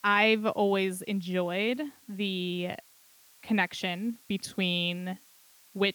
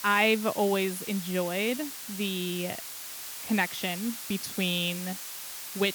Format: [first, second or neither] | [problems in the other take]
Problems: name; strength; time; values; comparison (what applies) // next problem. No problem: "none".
first | hiss; loud; throughout; 7 dB below the speech; faint in the first